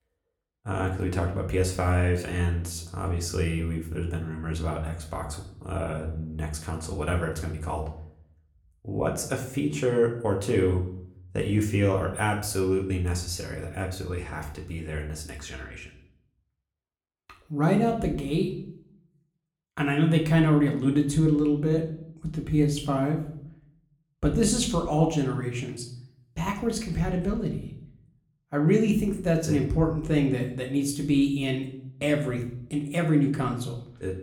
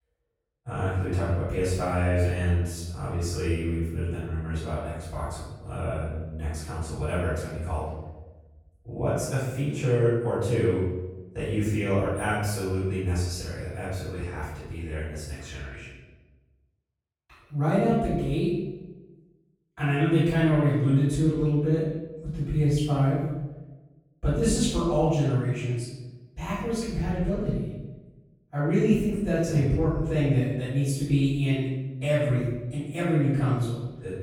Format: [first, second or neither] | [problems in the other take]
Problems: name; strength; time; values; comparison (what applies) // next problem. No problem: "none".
first | room echo; strong; dies away in 1 s; slight in the first // off-mic speech; far; somewhat distant in the first